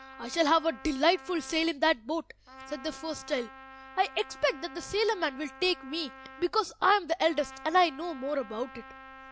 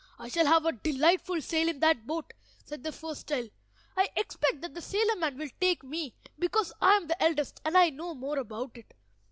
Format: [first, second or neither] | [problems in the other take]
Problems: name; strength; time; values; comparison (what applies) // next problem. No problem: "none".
second | background sound (Trumpet); 19 dB below the speech